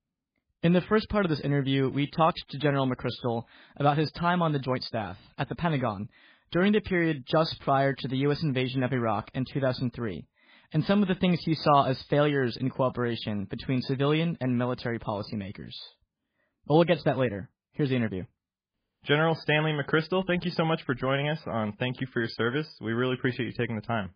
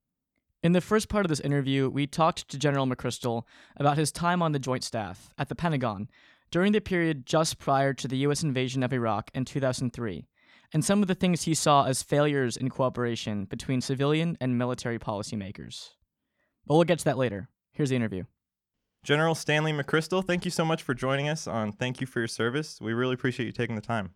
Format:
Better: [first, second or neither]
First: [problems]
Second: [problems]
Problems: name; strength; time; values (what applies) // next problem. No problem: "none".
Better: second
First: garbled, watery; badly; nothing above 5 kHz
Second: none